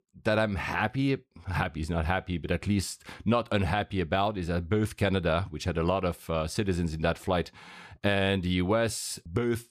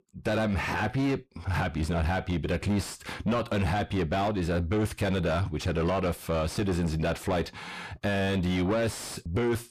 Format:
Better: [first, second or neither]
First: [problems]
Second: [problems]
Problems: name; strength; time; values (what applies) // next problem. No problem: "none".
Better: first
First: none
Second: distortion; heavy; 6 dB below the speech